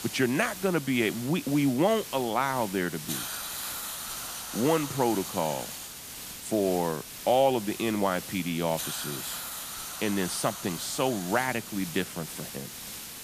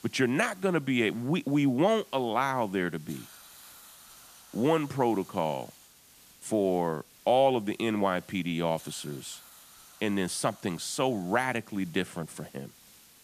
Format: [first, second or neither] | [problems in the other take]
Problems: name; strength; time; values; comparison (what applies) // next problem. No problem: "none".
second | hiss; loud; throughout; 8 dB below the speech; faint in the second